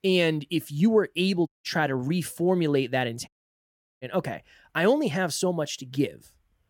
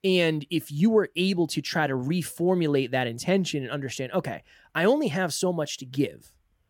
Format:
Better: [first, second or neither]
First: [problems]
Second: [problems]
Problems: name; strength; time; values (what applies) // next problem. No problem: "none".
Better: second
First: audio cutting out; at 1.5 s and at 3.5 s for 0.5 s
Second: none